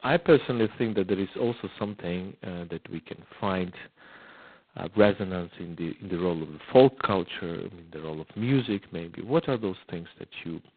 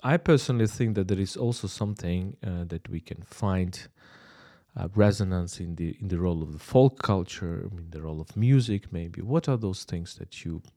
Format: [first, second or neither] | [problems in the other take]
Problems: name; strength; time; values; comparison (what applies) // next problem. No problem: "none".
second | phone-call audio; poor line; nothing above 4 kHz